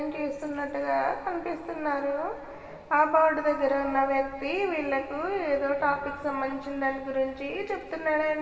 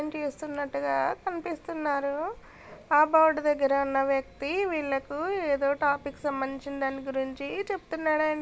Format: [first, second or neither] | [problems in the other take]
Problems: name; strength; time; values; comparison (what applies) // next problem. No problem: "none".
second | room echo; dies away in 2.4 s